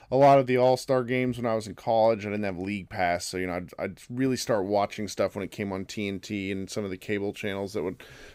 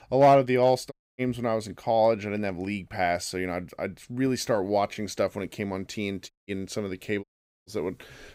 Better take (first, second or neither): first